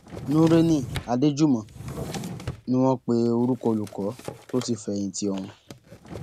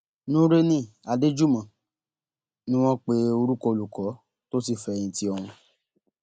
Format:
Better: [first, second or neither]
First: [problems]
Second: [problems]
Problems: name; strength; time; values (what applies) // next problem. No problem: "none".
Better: second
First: background sound (Drawer open or close); 13 dB below the speech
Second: none